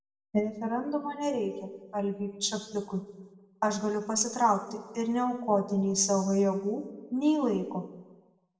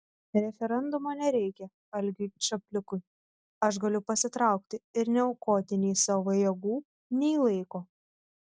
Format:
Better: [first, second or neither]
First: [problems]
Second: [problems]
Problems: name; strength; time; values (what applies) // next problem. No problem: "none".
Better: second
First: room echo; dies away in 0.9 s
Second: none